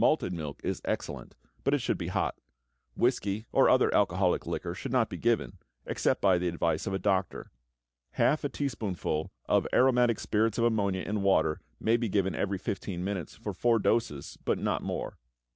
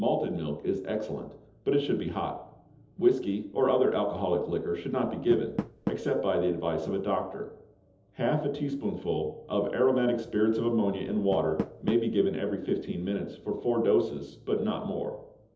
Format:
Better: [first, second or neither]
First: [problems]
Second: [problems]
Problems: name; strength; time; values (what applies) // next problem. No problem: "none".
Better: first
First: none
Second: background sound (Door); 16 dB below the speech // room echo; dies away in 1.2 s